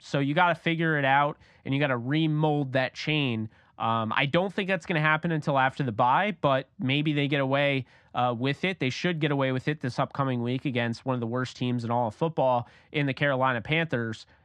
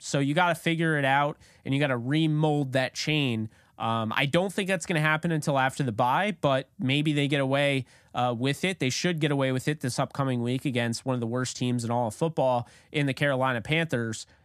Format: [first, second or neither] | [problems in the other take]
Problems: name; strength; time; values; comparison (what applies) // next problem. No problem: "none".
second | muffled; slightly; fading above 3 kHz